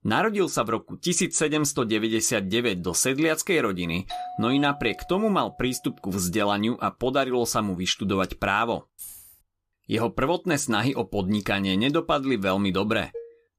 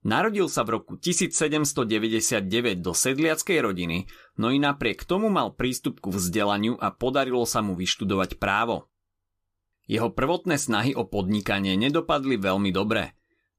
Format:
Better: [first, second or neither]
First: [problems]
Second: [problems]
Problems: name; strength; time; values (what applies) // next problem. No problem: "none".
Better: second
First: doorbell; noticeable; from 4 to 5.5 s; peak 10 dB below the speech // jangling keys; faint; at 9 s; peak 15 dB below the speech // clattering dishes; faint; at 13 s; peak 15 dB below the speech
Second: none